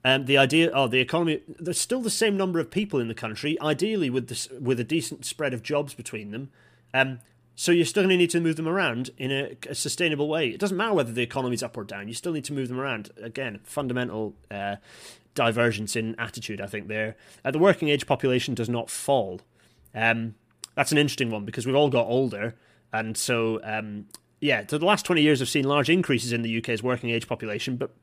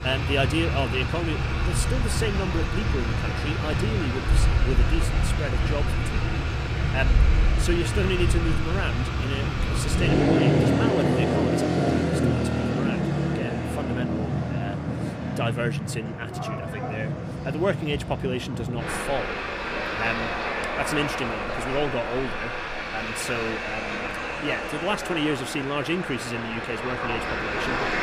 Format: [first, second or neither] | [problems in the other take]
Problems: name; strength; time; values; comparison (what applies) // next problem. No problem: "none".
first | traffic noise; very loud; throughout; 4 dB above the speech